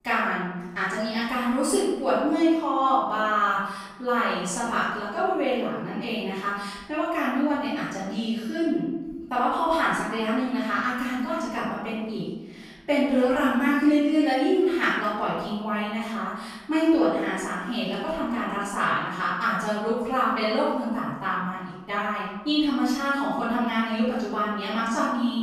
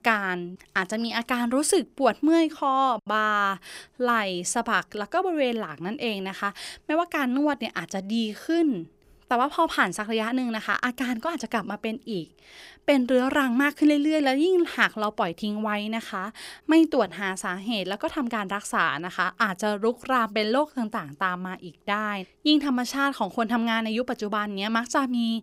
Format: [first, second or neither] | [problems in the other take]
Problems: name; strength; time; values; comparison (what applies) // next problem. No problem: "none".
second | room echo; strong; dies away in 1 s // off-mic speech; far